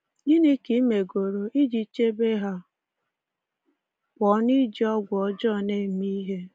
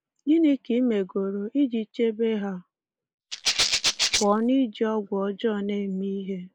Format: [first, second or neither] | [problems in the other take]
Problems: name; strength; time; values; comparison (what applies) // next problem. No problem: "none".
first | noise reduction (neural mask model Resemble Enhance denoiser)